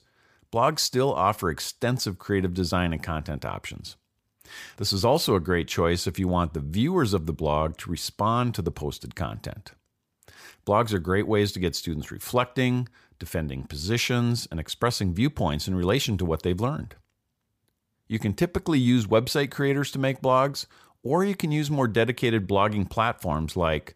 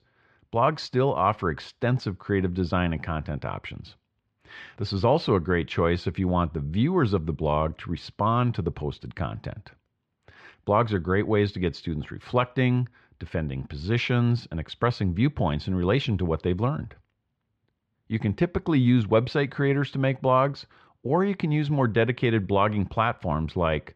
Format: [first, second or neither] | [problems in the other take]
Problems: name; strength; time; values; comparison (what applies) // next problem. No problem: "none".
first | muffled; slightly; fading above 3 kHz